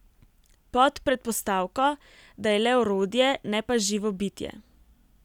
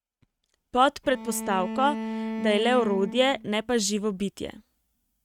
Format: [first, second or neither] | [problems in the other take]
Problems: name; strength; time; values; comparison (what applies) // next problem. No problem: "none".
first | noise reduction (neural mask model RNNoise)